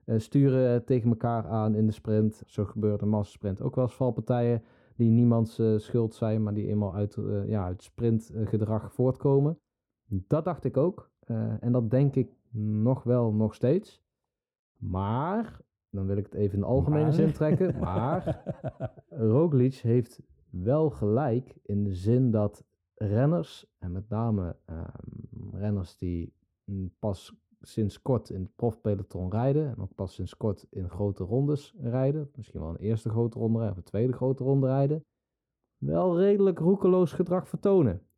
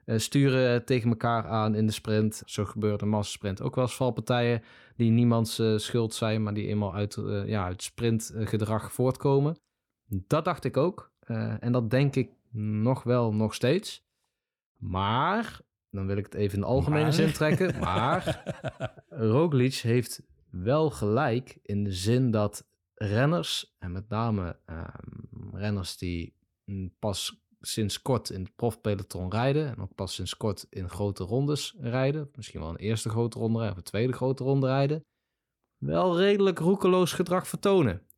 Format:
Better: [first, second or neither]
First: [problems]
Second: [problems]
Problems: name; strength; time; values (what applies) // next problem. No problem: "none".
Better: second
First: muffled; very; fading above 1 kHz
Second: none